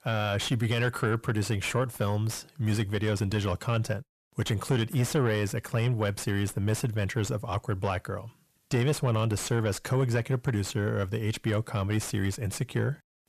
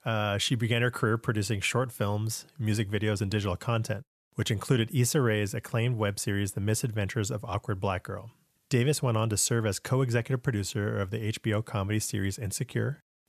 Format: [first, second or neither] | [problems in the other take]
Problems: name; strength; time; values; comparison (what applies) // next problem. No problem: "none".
second | distortion; slight; 10 dB below the speech